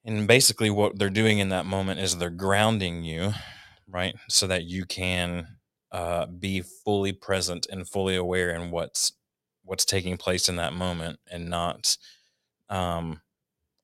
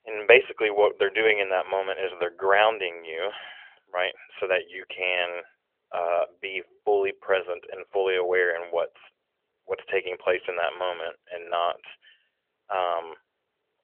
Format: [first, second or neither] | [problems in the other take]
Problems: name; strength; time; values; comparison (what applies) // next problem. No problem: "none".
first | phone-call audio; nothing above 3 kHz